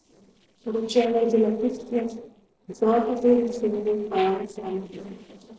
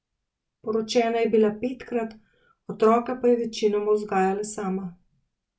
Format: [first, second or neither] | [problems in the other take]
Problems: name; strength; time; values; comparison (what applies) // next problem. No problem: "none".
second | noise reduction (neural separator model SepFormer DNS4)